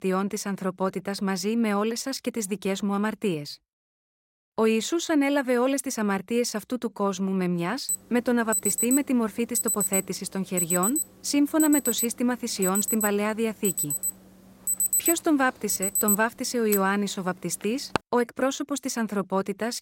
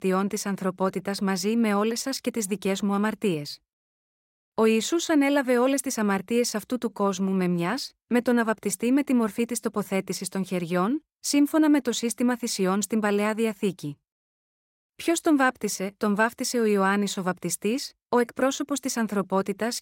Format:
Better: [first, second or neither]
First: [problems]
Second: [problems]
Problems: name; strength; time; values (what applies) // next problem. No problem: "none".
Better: second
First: alarm; loud; from 8 to 18 s; peak 5 dB above the speech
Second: none